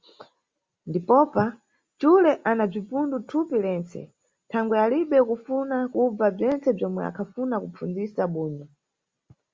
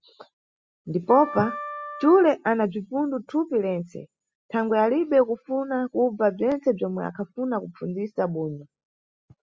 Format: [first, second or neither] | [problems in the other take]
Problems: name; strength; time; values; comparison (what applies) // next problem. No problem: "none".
first | noise reduction (classical method spectral subtraction)